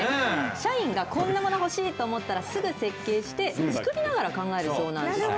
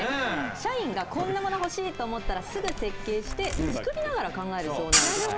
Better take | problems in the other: first | background sound (Camera); 3 dB below the speech

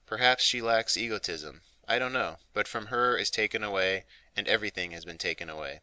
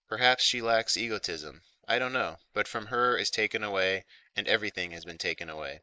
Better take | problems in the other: first | noise reduction (neural mask model Resemble Enhance denoiser)

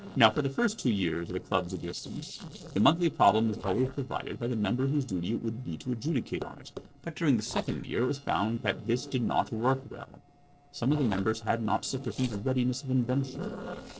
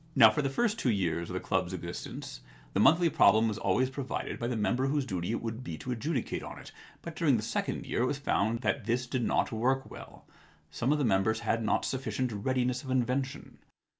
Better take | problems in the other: second | noise reduction (neural separator model SepFormer DNS4)

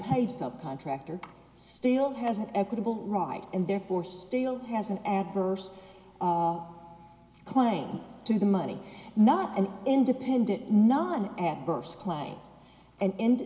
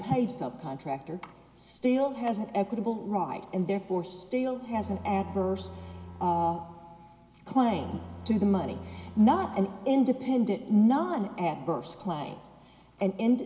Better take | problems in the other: first | background sound (Bowed string instrument); 16 dB below the speech

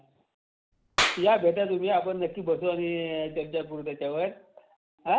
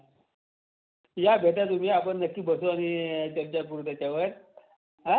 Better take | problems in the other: second | background sound (Clapping); 7 dB below the speech

